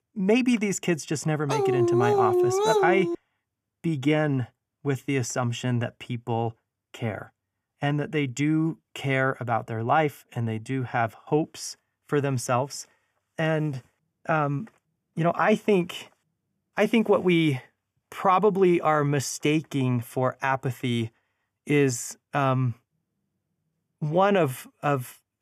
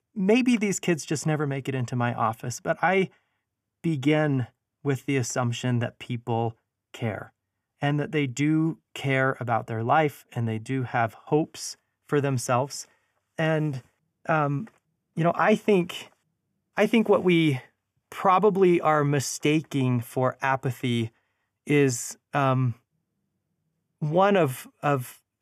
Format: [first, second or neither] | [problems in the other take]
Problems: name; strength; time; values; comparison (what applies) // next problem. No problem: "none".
second | dog barking; loud; from 1.5 to 3 s; peak 4 dB above the speech